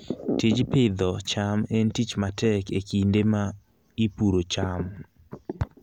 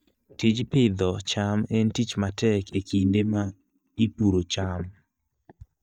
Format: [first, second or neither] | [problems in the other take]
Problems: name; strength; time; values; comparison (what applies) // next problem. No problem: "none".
first | noise reduction (neural mask model DeepFilterNet 3)